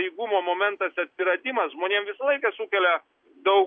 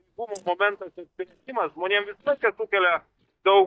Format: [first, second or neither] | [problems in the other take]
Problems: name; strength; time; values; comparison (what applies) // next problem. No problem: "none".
first | noise reduction (neural mask model DeepFilterNet 3)